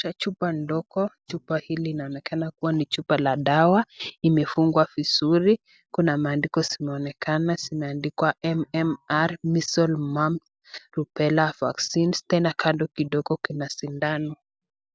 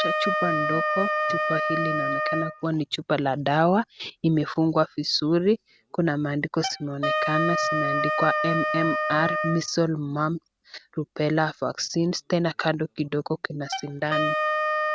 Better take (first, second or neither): first